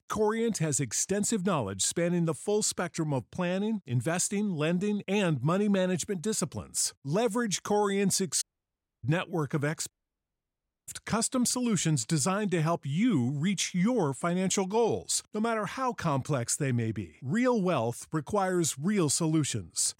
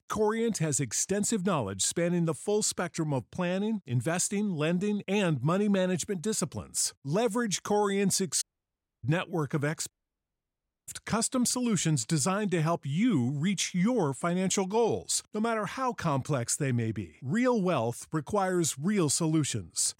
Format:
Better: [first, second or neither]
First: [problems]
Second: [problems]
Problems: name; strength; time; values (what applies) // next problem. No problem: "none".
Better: neither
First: audio cutting out; at 8.5 s for 0.5 s and at 10 s for 1 s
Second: audio cutting out; at 8.5 s for 0.5 s and at 10 s for 1 s